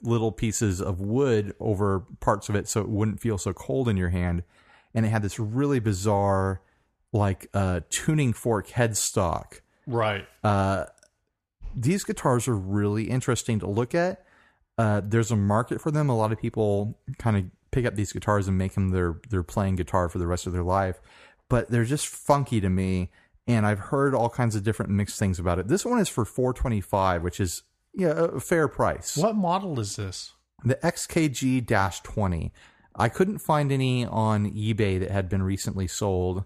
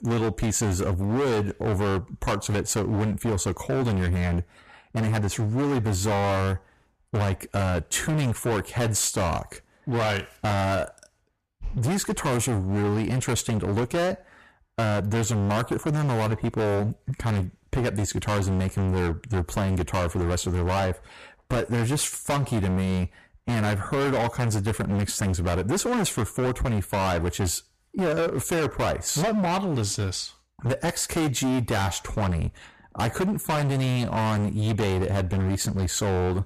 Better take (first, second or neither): first